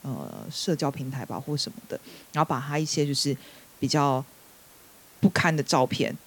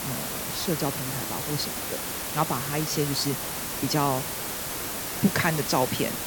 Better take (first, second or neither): first